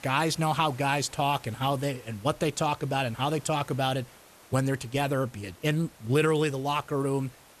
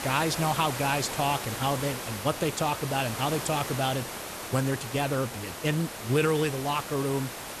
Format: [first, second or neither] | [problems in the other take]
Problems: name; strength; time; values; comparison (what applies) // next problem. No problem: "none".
first | hiss; loud; throughout; 6 dB below the speech; faint in the first